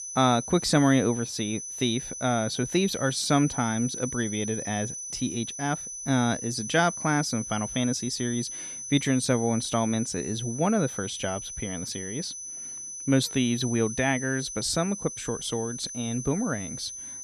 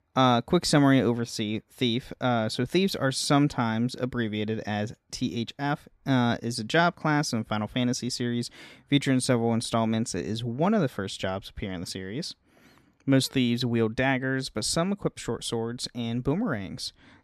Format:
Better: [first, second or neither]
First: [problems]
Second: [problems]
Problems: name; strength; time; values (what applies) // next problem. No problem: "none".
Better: second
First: high-pitched whine; loud; throughout; 6 kHz, 7 dB below the speech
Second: none